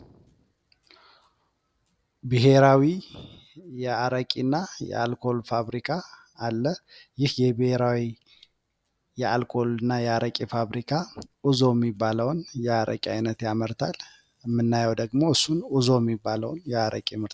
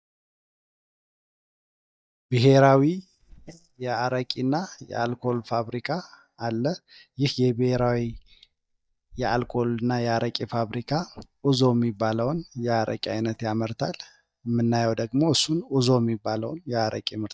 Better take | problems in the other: first | noise reduction (neural mask model DeepFilterNet 3)

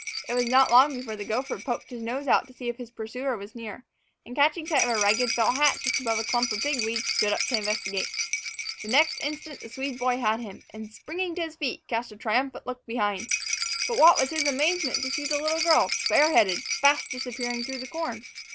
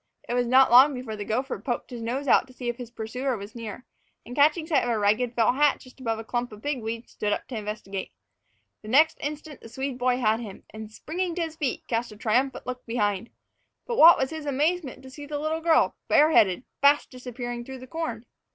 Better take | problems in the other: second | background sound (Rattle); 6 dB below the speech

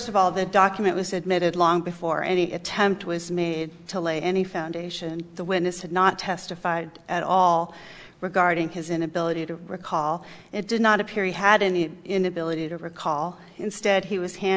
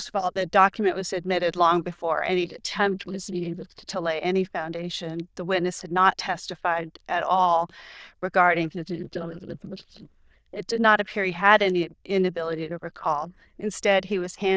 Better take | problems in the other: first | noise reduction (neural diffusion model UNIVERSE++)

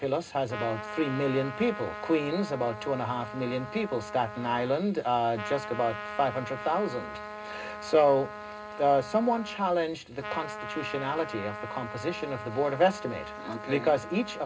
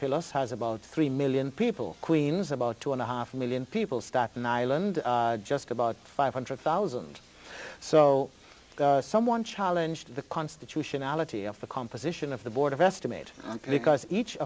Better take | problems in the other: second | background sound (Trumpet); 11 dB below the speech // room echo; dies away in 0.2 s

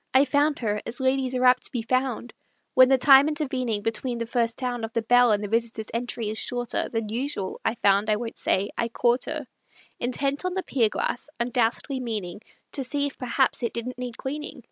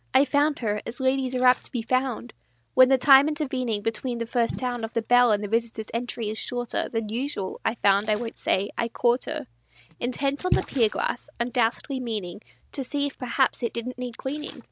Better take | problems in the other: first | background sound (Splash, splatter); 16 dB below the speech

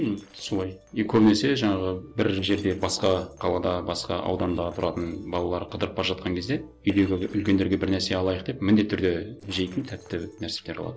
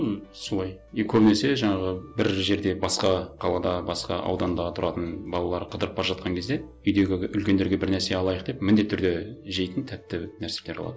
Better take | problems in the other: second | noise reduction (neural separator model SepFormer DNS4)

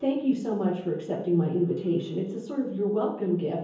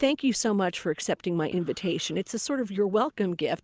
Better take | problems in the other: second | room echo; dies away in 0.7 s

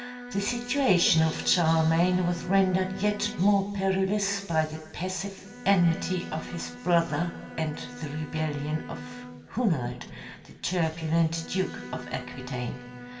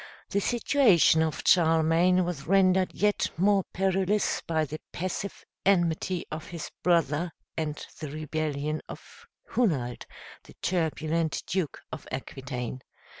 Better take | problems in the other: second | background sound (Bowed string instrument); 15 dB below the speech // room echo; dies away in 2.5 s

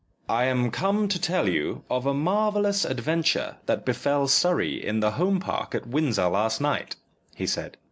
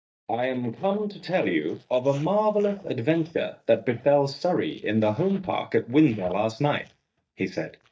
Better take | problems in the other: first | noise reduction (neural mask model DeepFilterNet 3)

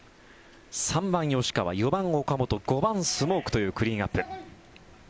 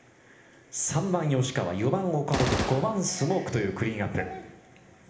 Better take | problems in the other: first | background sound (Gunshot, gunfire); 6 dB below the speech // room echo; dies away in 1 s

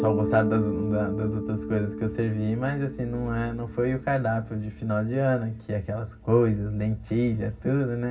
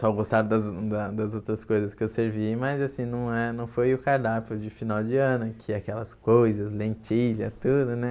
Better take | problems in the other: second | background sound (Mallet percussion); 9 dB below the speech // room echo; dies away in 0.4 s

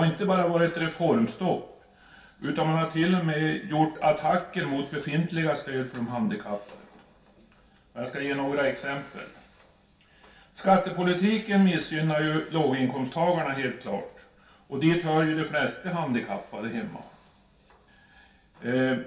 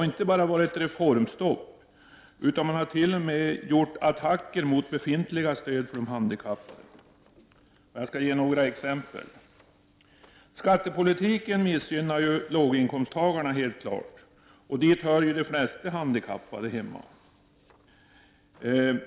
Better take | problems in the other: second | room echo; dies away in 0.3 s

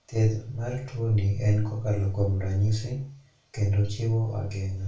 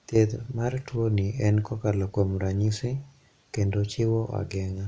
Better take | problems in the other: second | room echo; dies away in 0.3 s

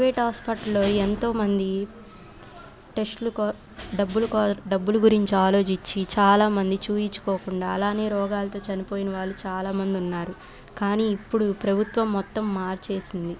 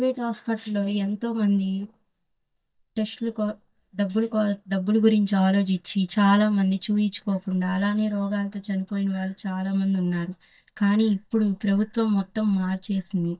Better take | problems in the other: first | noise reduction (neural mask model DeepFilterNet 3)

